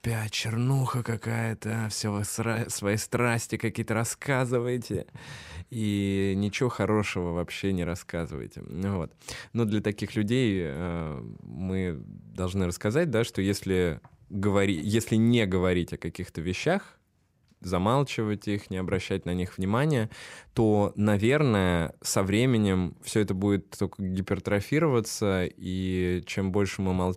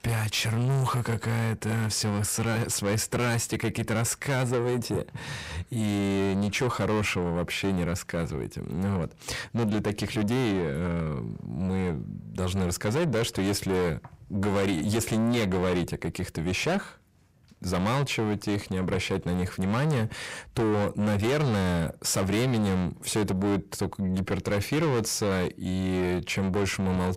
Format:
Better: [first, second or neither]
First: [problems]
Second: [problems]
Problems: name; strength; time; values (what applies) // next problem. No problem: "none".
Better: first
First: none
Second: distortion; heavy; 6 dB below the speech